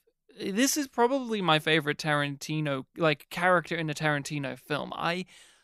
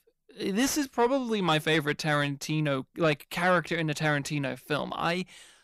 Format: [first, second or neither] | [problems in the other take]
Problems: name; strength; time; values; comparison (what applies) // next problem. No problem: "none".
first | distortion; slight; 10 dB below the speech